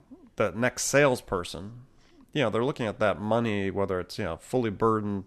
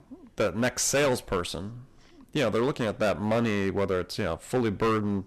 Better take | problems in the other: first | distortion; heavy; 10% of the sound clipped

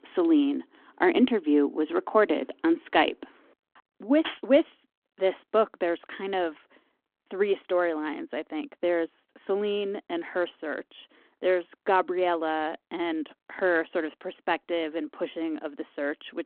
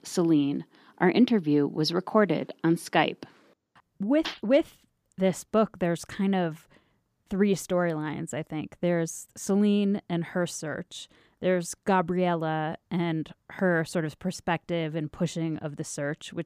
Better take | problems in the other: second | phone-call audio

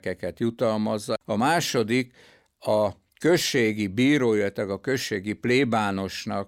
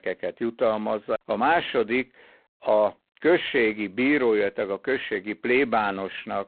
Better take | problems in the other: first | phone-call audio; poor line; nothing above 3.5 kHz

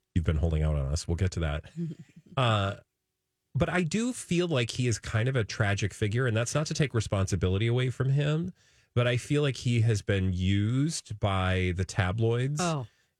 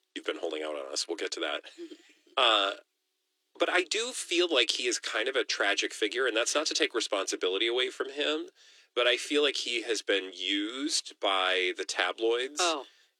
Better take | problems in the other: first | thin; very; fading below 300 Hz

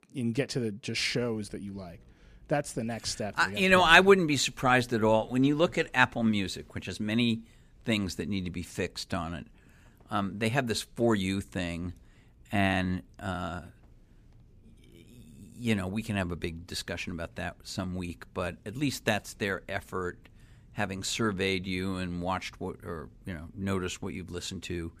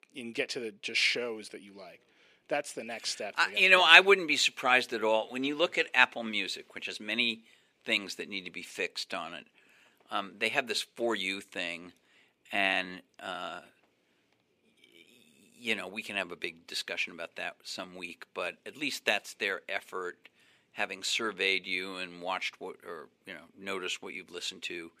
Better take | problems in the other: first | thin; somewhat; fading below 400 Hz

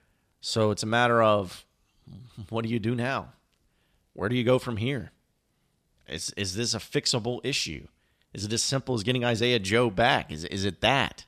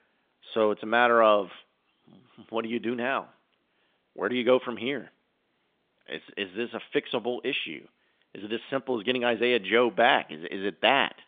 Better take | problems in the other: first | phone-call audio; nothing above 3 kHz

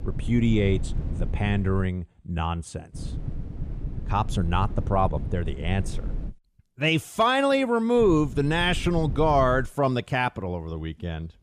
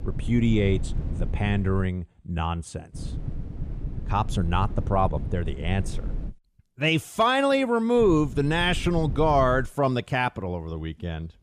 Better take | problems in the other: neither | low rumble; faint; until 2 s, from 3 to 6.5 s and from 8 to 9.5 s; 20 dB below the speech; the same in both

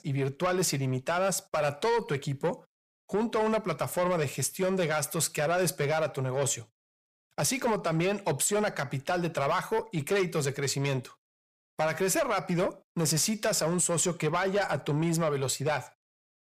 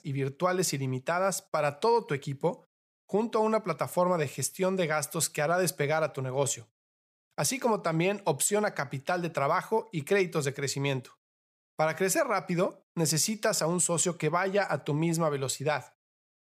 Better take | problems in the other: second | distortion; slight; 10 dB below the speech

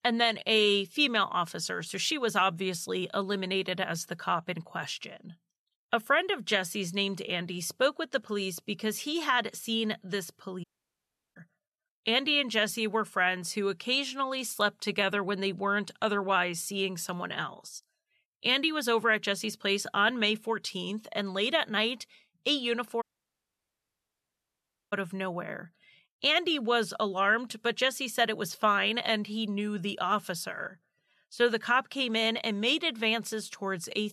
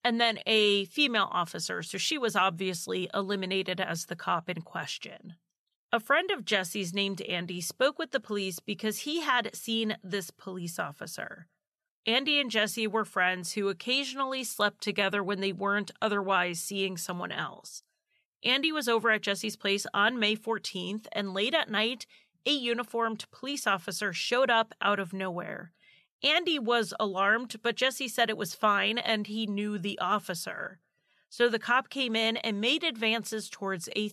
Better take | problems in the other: second | audio cutting out; at 11 s for 0.5 s and at 23 s for 2 s

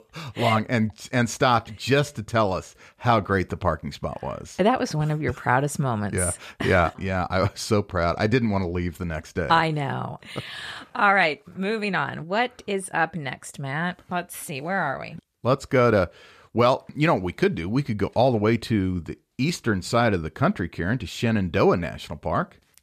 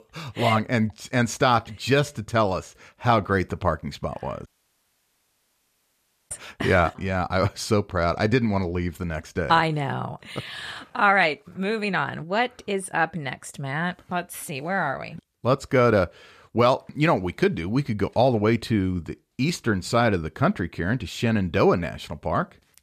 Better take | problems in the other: first | audio cutting out; at 4.5 s for 2 s

